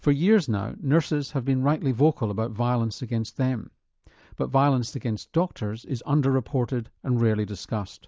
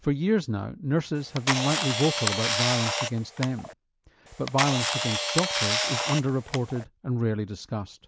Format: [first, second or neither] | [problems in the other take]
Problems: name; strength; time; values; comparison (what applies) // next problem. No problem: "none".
first | background sound (Camera); 1 dB below the speech